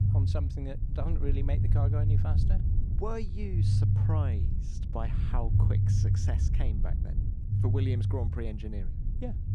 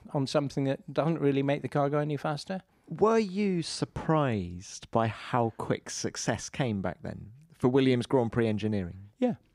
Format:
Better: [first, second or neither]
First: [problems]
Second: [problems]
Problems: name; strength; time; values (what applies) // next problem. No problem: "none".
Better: second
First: low rumble; loud; throughout; 1 dB below the speech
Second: none